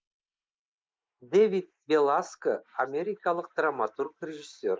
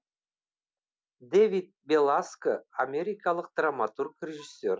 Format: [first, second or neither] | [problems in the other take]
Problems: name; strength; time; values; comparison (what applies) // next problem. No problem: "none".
second | noise reduction (neural mask model Resemble Enhance denoiser)